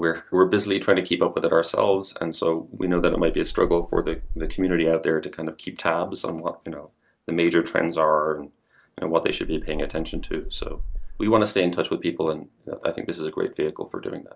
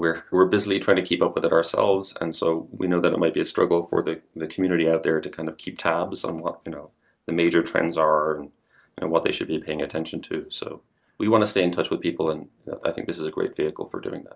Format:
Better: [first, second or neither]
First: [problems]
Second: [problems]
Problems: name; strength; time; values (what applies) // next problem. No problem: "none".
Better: second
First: background sound (Meow); 6 dB below the speech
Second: none